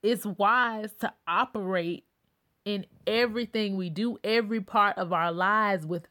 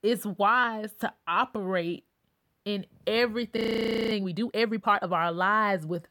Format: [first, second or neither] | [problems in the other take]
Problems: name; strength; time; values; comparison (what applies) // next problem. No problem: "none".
first | audio freezing; at 3.5 s for 0.5 s